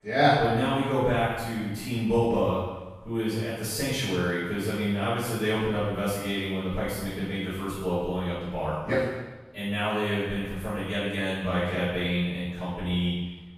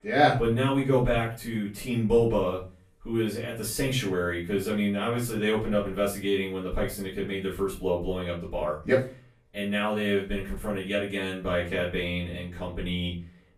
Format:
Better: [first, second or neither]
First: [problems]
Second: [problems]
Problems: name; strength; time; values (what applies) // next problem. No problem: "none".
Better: second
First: room echo; strong; dies away in 1 s // off-mic speech; far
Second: room echo; slight; dies away in 0.3 s // off-mic speech; far